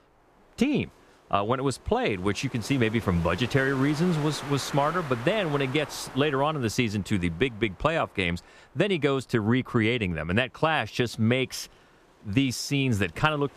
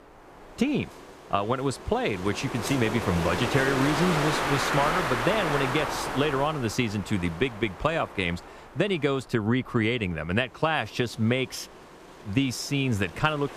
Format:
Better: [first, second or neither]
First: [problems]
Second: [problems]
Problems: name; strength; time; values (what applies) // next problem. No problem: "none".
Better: first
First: wind noise on the microphone; occasional gusts; 10 dB below the speech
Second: wind noise on the microphone; heavy; as loud as the speech